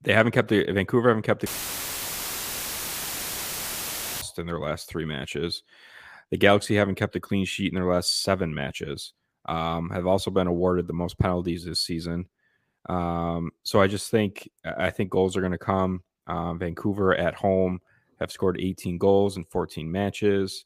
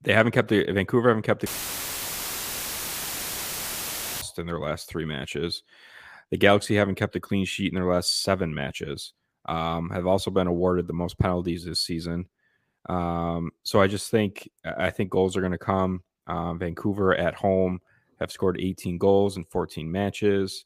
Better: neither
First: audio cutting out; filled with static; at 1.5 s for 3 s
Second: audio cutting out; filled with static; at 1.5 s for 3 s

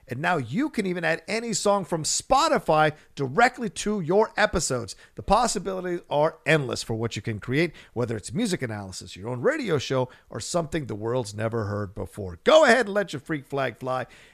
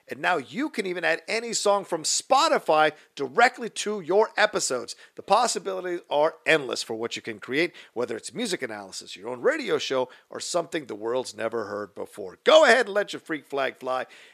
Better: first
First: none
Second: thin; somewhat; fading below 350 Hz

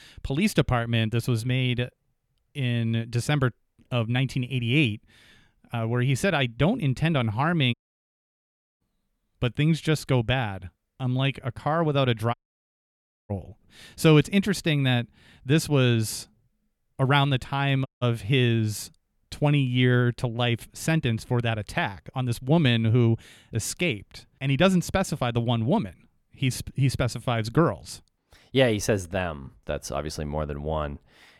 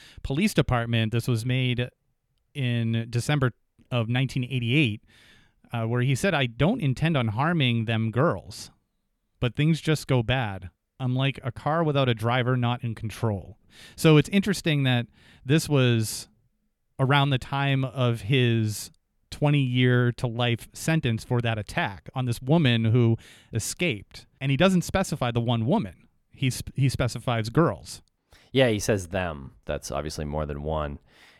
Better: second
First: audio cutting out; at 7.5 s for 1 s, at 12 s for 1 s and at 18 s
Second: none

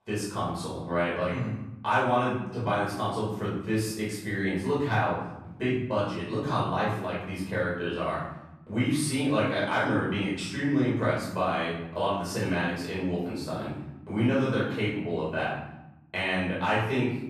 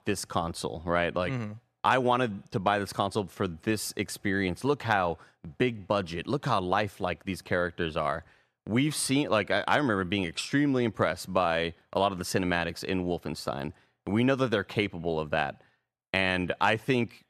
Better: second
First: off-mic speech; far // room echo; noticeable; dies away in 0.9 s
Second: none

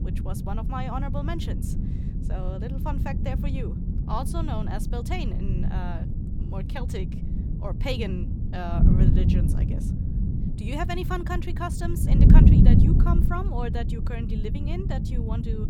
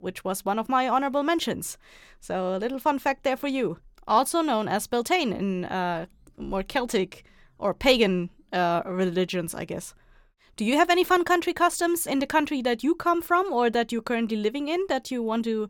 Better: second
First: wind noise on the microphone; heavy; 1 dB below the speech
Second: none

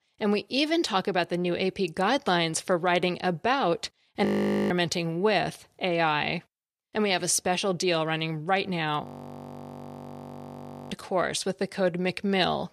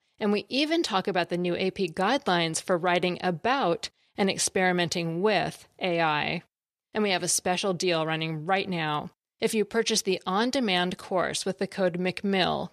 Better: second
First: audio freezing; at 4.5 s and at 9 s for 2 s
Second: none

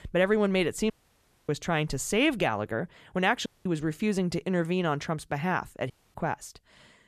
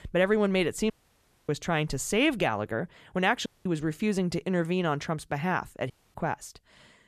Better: neither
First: audio cutting out; at 1 s for 0.5 s, at 3.5 s and at 6 s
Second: audio cutting out; at 1 s for 0.5 s, at 3.5 s and at 6 s

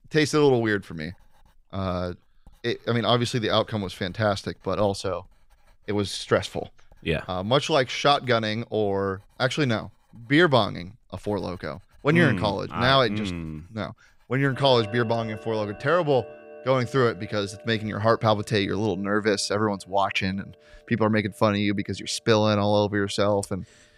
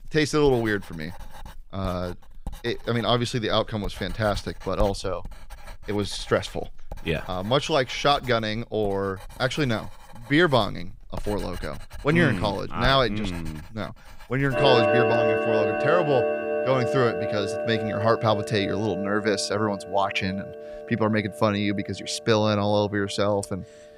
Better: first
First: household noises; faint; throughout; 20 dB below the speech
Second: household noises; loud; throughout; 4 dB below the speech

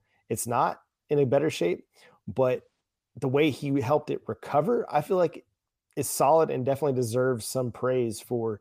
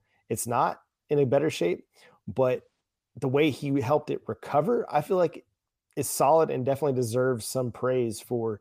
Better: neither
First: none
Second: none

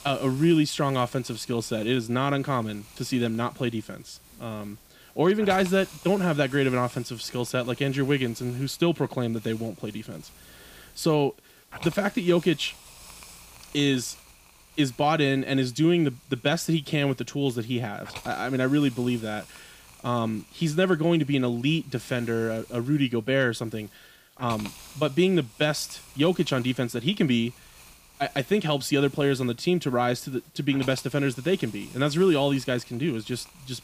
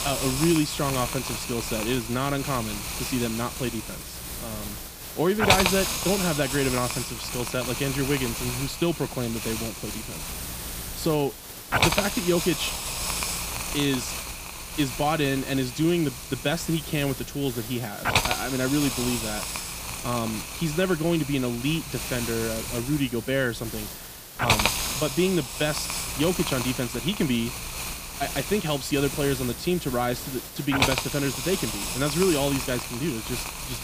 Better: first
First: hiss; faint; throughout; 20 dB below the speech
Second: hiss; loud; throughout; 2 dB below the speech

